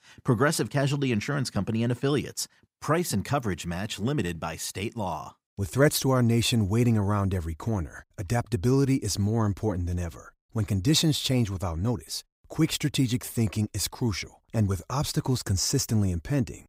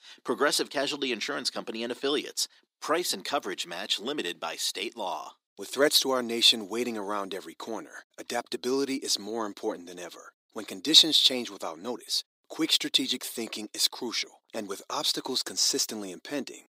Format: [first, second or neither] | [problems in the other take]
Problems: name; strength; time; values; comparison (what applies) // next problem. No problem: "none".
first | thin; somewhat; fading below 300 Hz